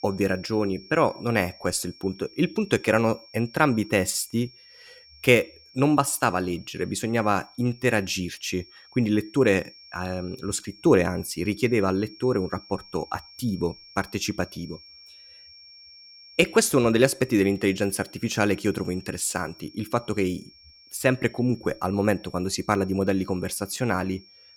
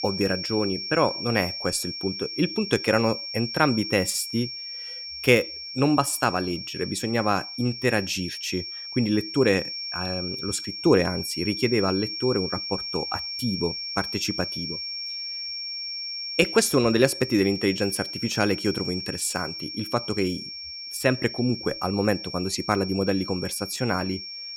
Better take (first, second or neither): first